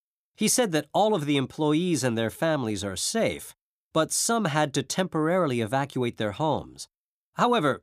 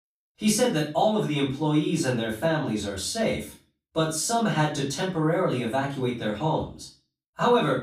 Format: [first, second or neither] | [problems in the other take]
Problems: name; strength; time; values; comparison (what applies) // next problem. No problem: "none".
first | room echo; slight; dies away in 0.3 s // off-mic speech; far